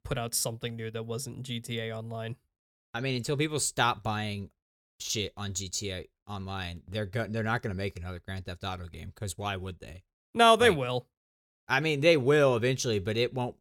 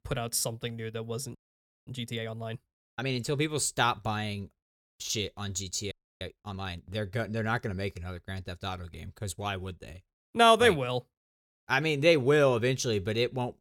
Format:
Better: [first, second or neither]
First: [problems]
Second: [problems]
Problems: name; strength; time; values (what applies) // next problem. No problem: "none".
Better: first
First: none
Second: audio freezing; at 1.5 s for 0.5 s and at 6 s